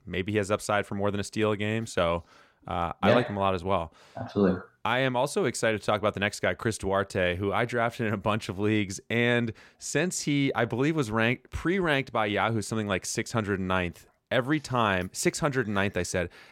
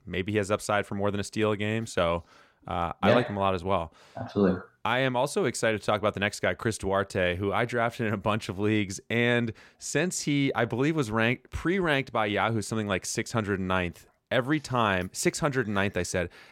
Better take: neither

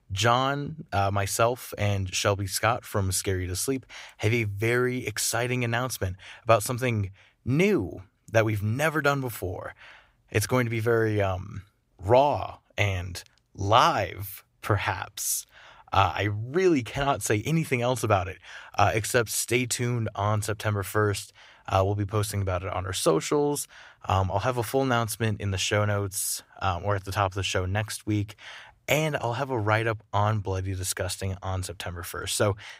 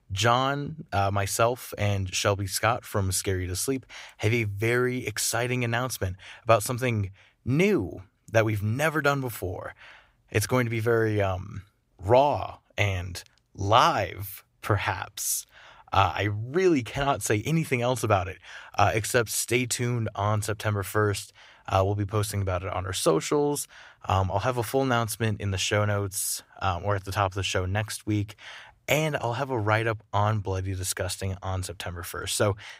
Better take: neither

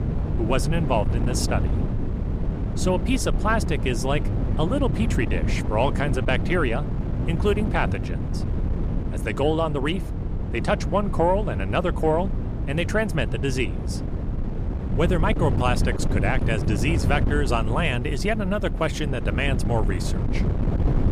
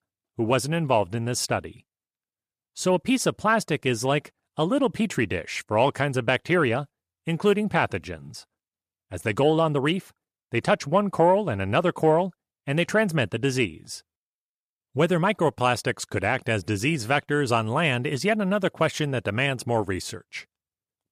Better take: second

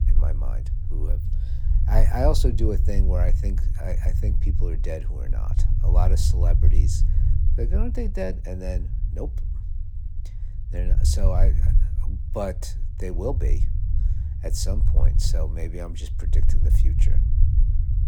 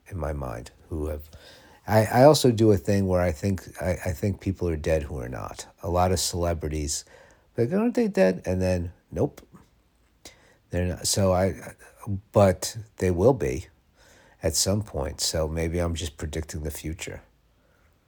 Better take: second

